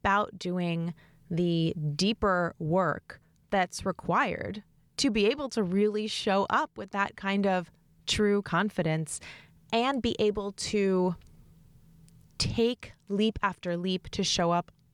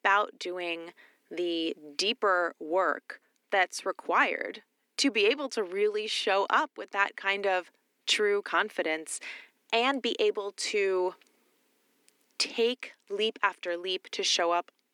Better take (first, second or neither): first